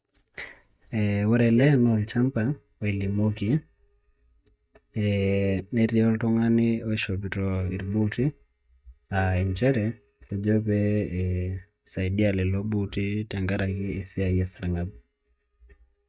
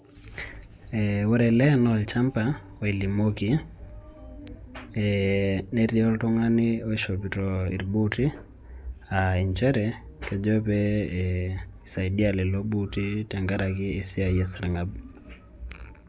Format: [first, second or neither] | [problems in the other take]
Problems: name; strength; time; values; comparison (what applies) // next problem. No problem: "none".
second | noise reduction (neural mask model DeepFilterNet 3)